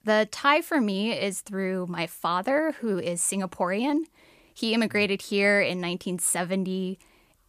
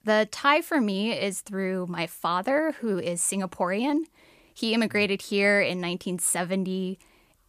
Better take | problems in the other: neither | none

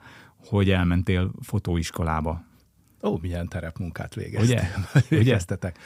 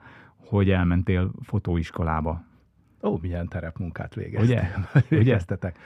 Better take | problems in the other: first | muffled; slightly; fading above 4 kHz

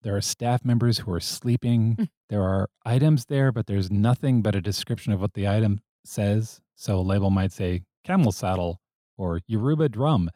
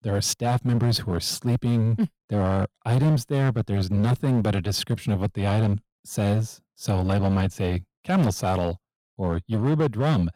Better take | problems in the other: first | distortion; slight; 12% of the sound clipped

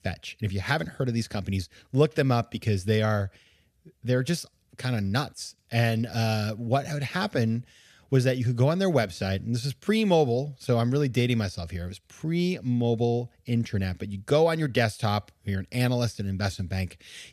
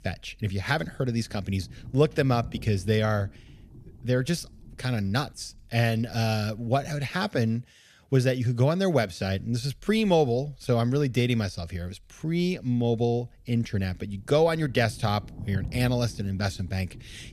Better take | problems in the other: first | low rumble; faint; until 7 s and from 9.5 s on; 25 dB below the speech

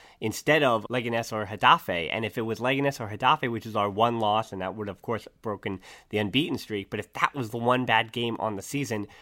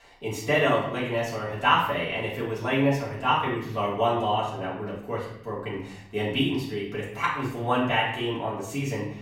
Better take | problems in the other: first | room echo; noticeable; dies away in 0.8 s // off-mic speech; far

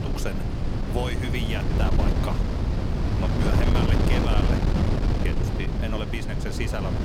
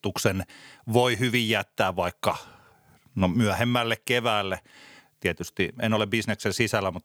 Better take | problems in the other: second | wind noise on the microphone; heavy; 1 dB above the speech

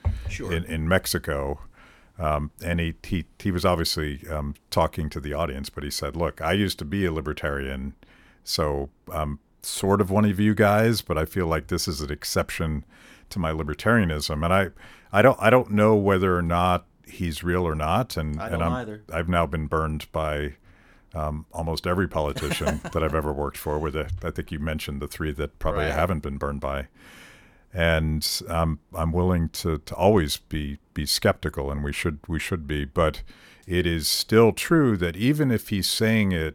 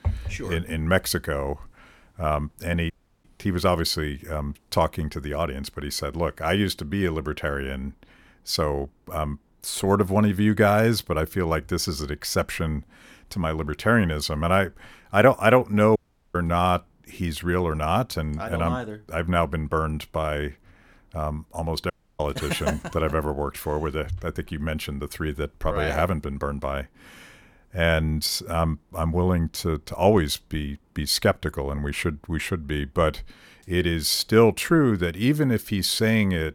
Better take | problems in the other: first | audio cutting out; at 3 s, at 16 s and at 22 s

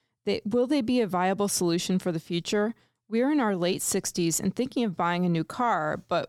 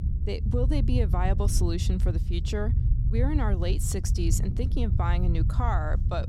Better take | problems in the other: first | low rumble; loud; throughout; 9 dB below the speech

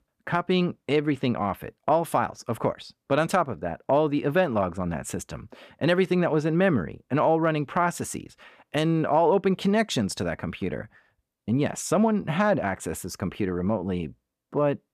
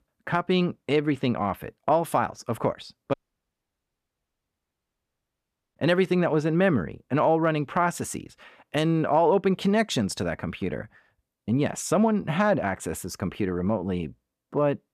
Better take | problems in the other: first | audio cutting out; at 3 s for 2.5 s

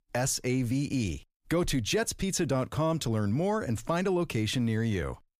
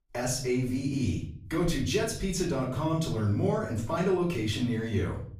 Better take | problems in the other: first | off-mic speech; far // room echo; slight; dies away in 0.5 s

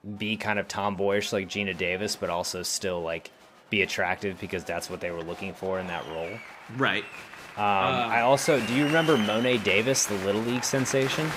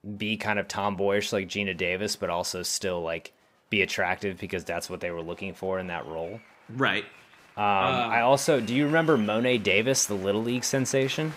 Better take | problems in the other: second | crowd noise; loud; throughout; 10 dB below the speech; faint in the second

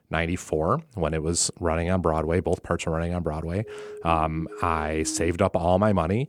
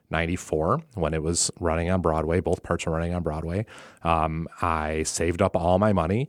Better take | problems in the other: second | siren; faint; from 3.5 to 5.5 s; peak 10 dB below the speech

